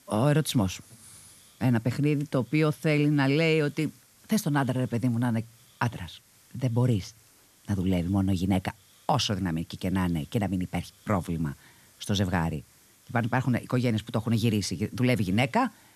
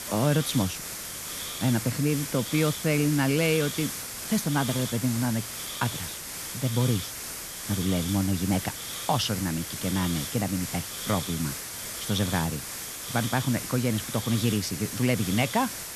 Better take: first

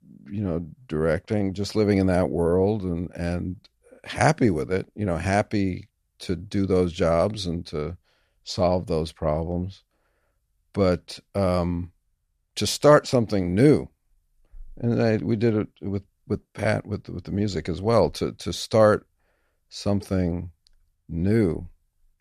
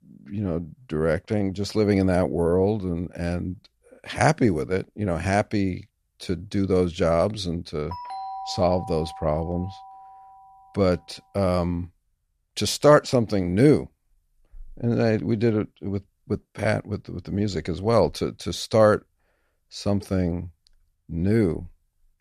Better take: first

